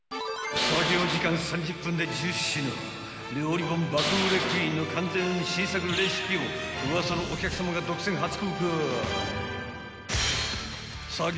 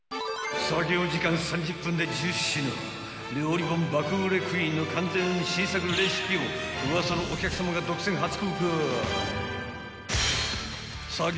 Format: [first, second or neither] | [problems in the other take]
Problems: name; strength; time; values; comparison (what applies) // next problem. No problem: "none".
second | background sound (Tools); 3 dB below the speech